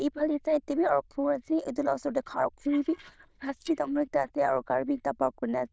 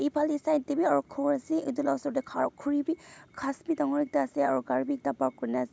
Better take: second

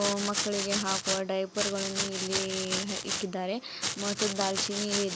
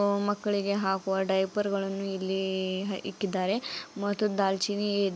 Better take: second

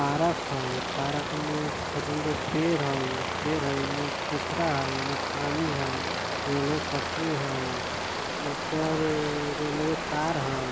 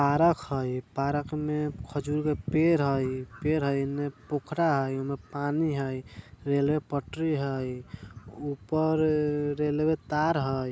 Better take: second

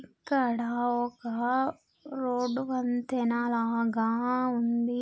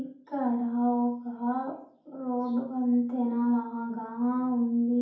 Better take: first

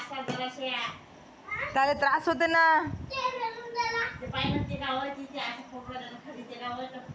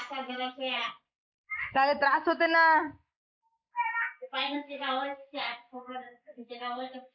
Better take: first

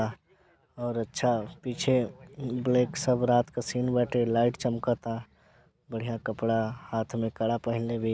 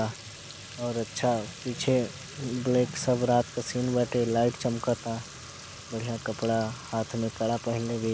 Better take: first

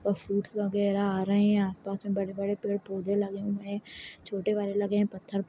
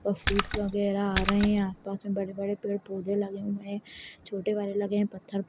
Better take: first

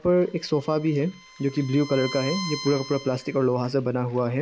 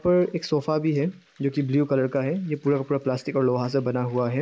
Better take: second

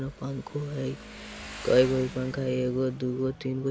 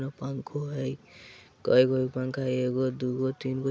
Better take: second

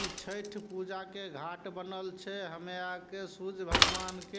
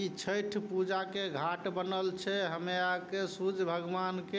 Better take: second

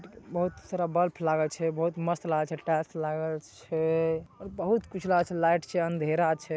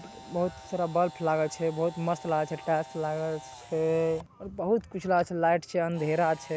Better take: first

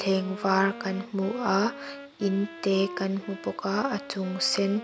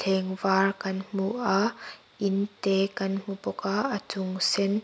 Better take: second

